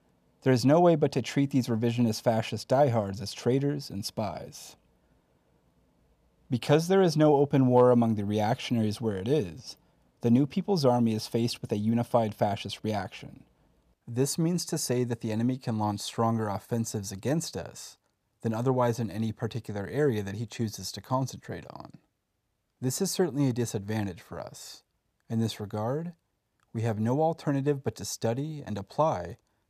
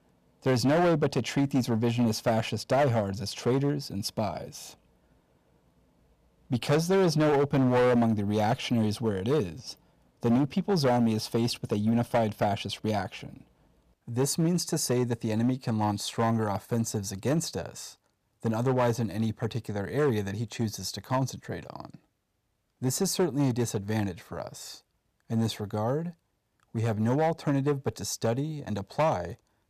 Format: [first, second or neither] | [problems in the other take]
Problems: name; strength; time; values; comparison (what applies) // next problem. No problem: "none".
first | distortion; slight; 6% of the sound clipped